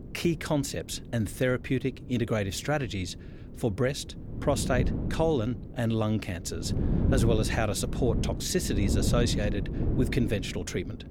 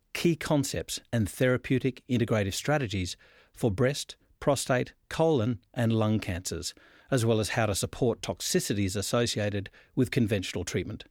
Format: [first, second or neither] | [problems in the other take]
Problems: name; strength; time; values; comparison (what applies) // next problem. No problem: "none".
second | wind noise on the microphone; heavy; 8 dB below the speech